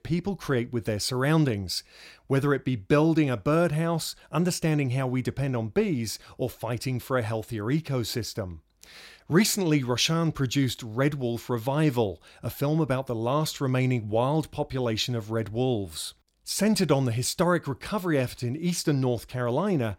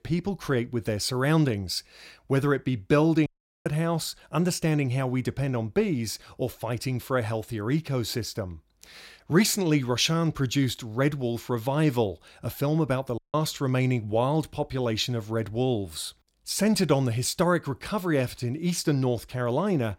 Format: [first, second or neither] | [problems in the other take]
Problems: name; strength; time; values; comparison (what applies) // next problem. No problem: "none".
first | audio cutting out; at 3.5 s and at 13 s